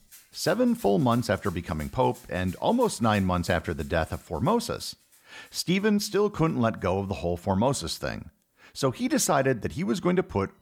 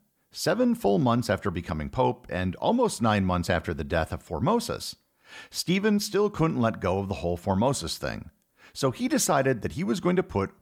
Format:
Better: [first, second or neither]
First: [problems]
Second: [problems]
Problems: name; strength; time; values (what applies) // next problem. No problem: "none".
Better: second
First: background music; faint; throughout; 25 dB below the speech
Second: none